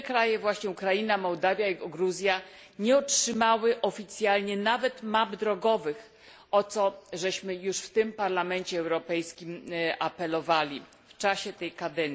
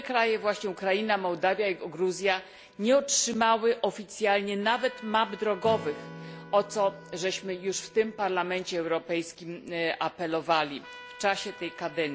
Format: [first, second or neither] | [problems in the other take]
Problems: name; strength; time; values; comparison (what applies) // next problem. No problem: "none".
first | background sound (Trumpet + Strum); 20 dB below the speech